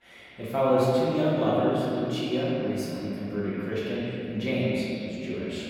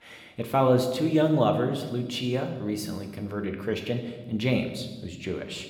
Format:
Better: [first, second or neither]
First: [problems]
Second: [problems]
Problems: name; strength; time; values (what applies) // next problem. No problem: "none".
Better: second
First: room echo; strong; dies away in 3 s // off-mic speech; far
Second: room echo; slight; dies away in 1.1 s